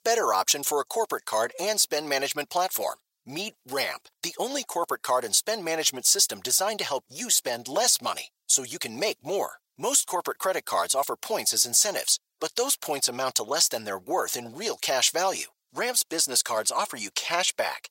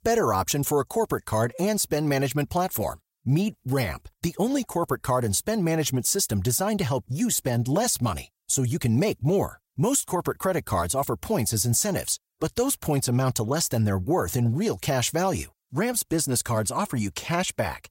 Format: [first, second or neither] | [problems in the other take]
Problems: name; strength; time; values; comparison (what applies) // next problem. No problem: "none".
second | thin; very; fading below 600 Hz